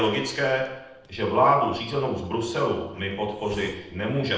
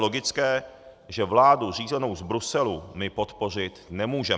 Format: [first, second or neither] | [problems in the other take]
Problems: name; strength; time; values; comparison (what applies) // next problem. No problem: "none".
second | noise reduction (neural separator model SepFormer DNS4)